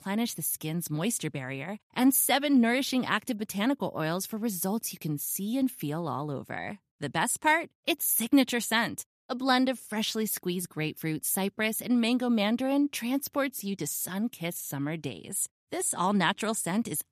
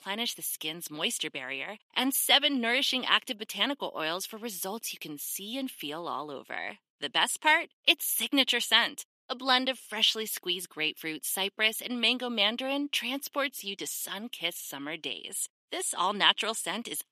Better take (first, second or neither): first